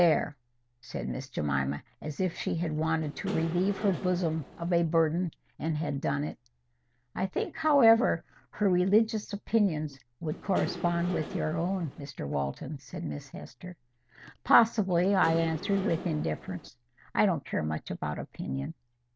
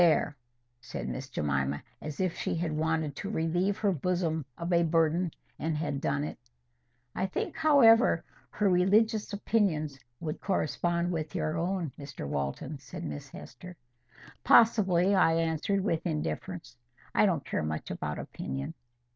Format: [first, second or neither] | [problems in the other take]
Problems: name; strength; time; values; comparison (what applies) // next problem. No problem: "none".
second | background sound (Engine / Mechanisms); 11 dB below the speech